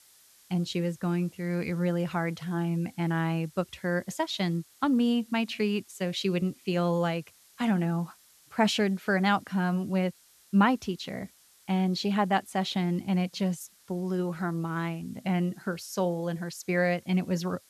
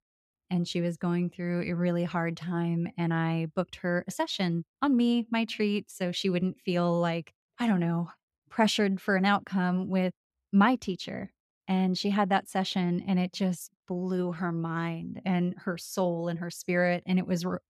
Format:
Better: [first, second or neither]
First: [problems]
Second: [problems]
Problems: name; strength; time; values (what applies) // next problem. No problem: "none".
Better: second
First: hiss; faint; throughout; 25 dB below the speech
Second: none